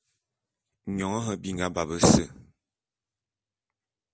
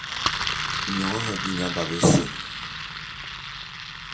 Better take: first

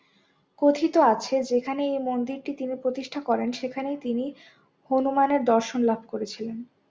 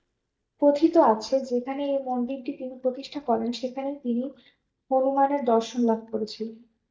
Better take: first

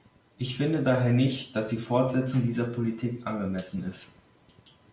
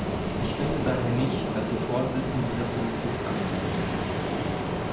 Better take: first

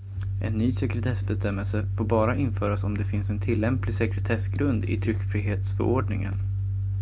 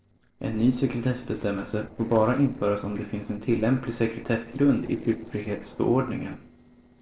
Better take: first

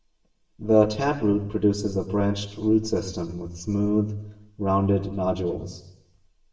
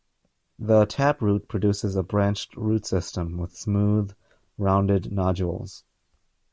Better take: second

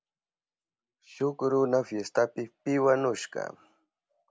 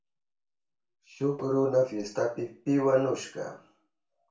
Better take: first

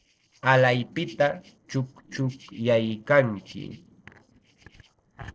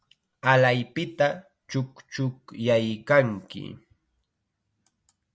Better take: second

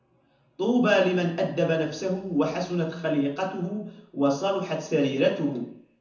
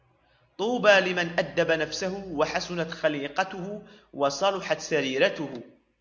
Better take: second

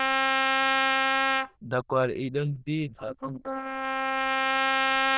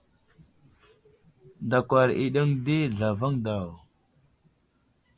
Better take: second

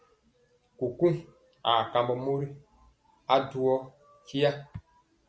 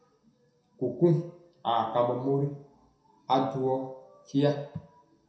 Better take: first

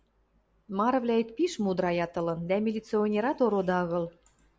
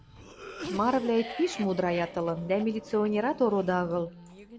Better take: first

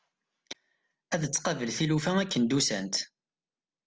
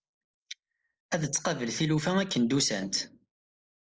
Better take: first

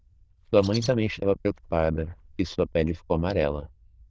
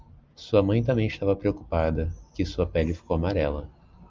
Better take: second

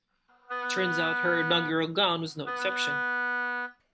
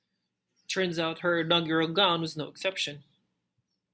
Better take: second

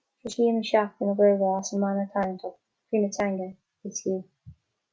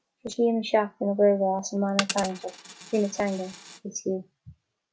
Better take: first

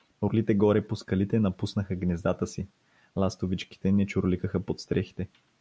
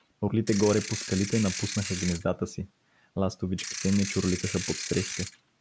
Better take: first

